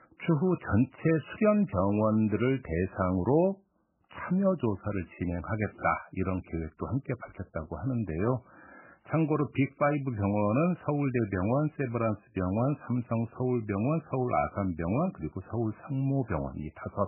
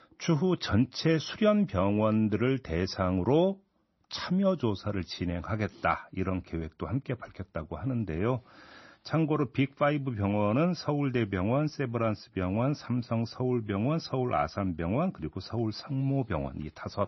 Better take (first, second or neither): second